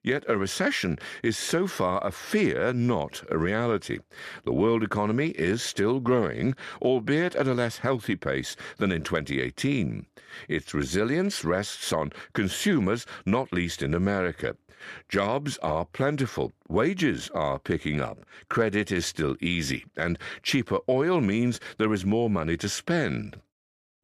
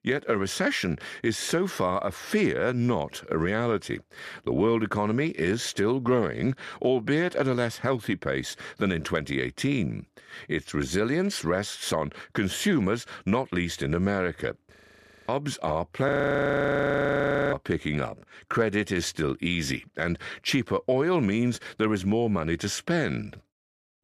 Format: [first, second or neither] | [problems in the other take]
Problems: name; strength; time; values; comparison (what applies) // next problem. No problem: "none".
first | audio freezing; at 15 s for 0.5 s and at 16 s for 1.5 s